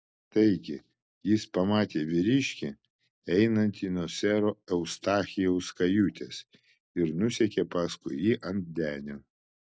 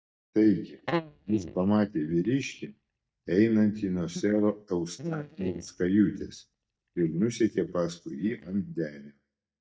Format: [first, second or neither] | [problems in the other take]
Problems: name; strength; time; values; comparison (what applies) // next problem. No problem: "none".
first | noise reduction (neural mask model DeepFilterNet 3)